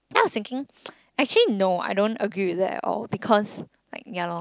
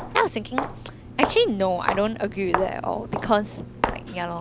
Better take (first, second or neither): first